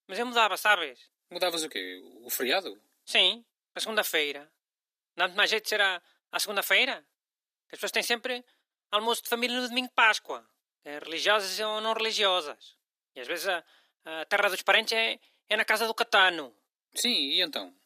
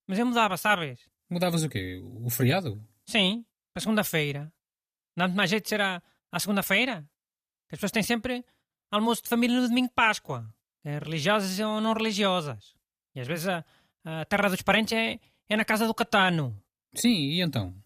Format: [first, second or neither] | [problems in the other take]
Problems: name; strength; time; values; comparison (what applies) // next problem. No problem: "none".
second | thin; very; fading below 300 Hz